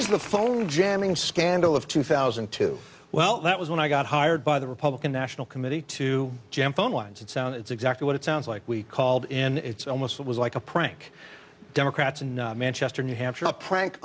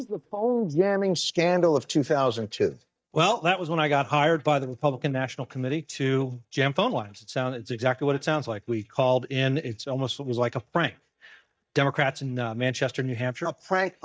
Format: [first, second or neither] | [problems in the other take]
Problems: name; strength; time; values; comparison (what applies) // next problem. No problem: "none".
first | noise reduction (neural mask model DeepFilterNet 3)